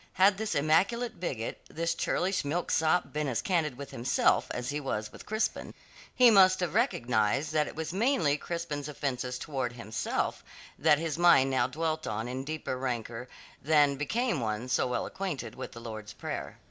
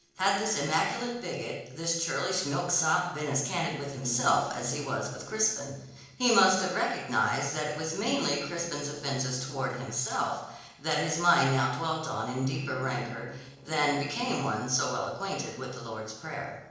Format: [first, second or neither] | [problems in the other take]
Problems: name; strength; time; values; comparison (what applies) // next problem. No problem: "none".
first | noise reduction (neural separator model SepFormer DNS4)